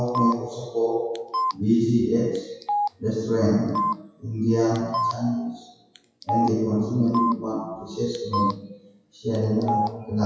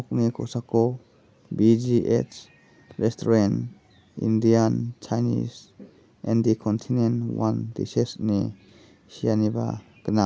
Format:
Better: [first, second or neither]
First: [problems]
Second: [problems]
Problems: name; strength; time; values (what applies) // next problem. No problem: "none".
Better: second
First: noise reduction (classical method WPE with log-MMSE)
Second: none